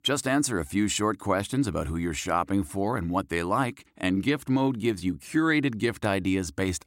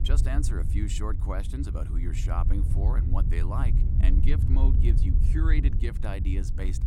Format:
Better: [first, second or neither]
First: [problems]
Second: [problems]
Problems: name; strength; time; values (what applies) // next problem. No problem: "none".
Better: first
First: none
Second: wind noise on the microphone; heavy; 5 dB below the speech